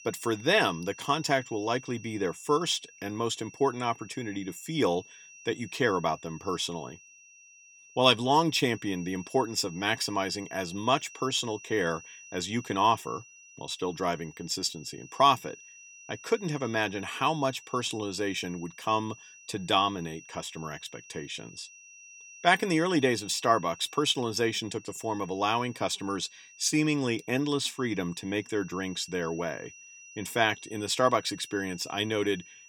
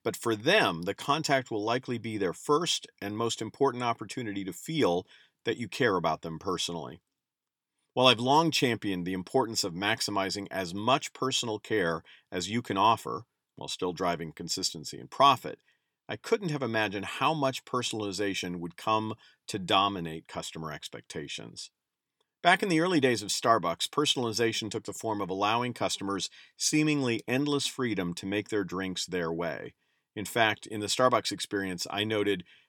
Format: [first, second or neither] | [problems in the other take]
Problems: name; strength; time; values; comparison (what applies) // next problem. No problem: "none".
second | high-pitched whine; noticeable; throughout; 2.5 kHz, 20 dB below the speech